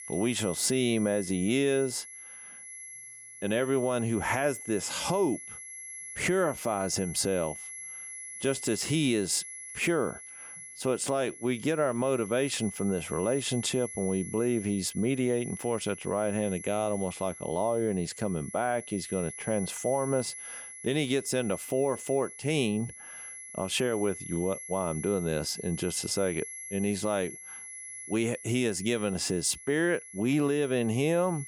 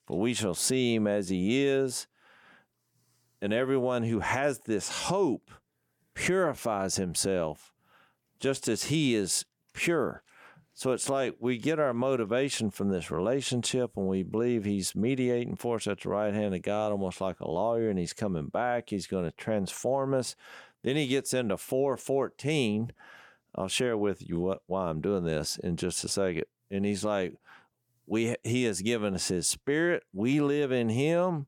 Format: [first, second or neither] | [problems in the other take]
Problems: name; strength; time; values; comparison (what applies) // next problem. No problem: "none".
second | high-pitched whine; noticeable; throughout; 11 kHz, 10 dB below the speech